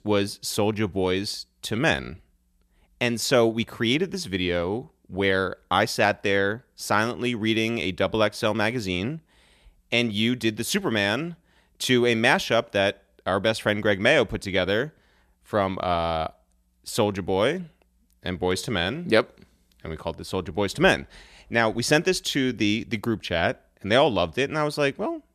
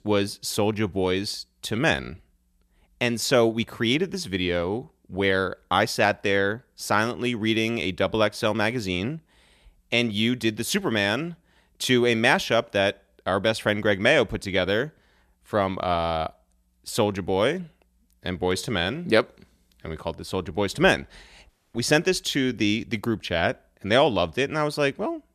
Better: first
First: none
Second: audio cutting out; at 21 s

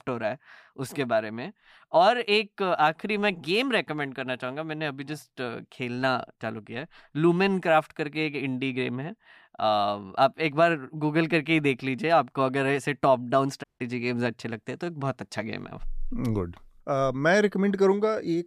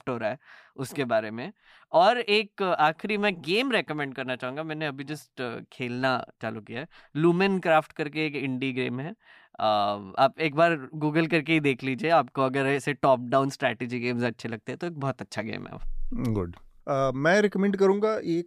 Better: second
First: audio cutting out; at 14 s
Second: none

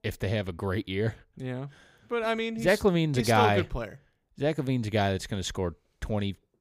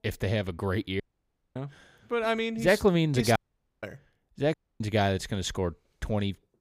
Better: first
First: none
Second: audio cutting out; at 1 s for 0.5 s, at 3.5 s and at 4.5 s

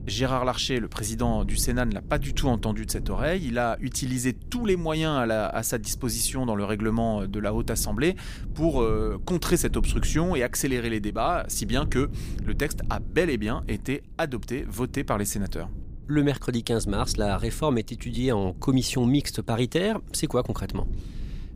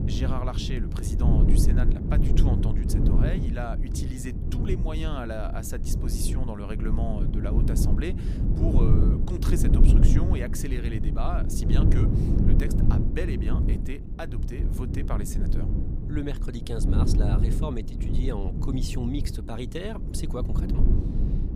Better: first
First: low rumble; faint; throughout; 20 dB below the speech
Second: low rumble; loud; throughout; 1 dB below the speech

